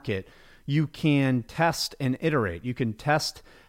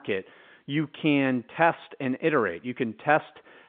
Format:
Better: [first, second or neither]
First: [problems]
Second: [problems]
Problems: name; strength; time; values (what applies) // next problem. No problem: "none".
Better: first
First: none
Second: phone-call audio